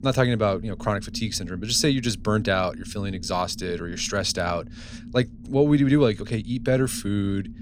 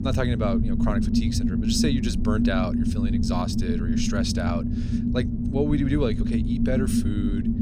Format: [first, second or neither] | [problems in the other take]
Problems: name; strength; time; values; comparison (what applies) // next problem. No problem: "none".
first | low rumble; loud; throughout; 1 dB below the speech; faint in the first